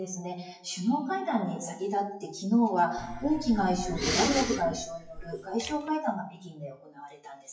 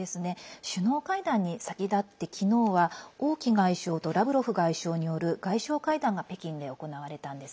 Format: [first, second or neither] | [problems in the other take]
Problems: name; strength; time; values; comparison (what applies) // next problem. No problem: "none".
second | noise reduction (classical method WPE with log-MMSE)